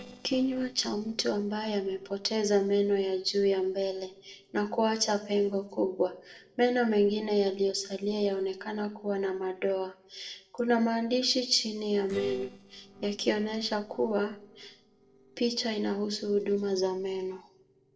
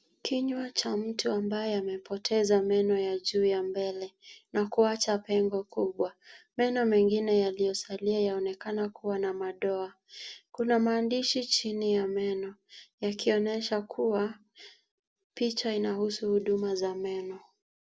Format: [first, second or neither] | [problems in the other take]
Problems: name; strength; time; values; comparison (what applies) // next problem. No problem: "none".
second | noise reduction (neural separator model SepFormer DNS4)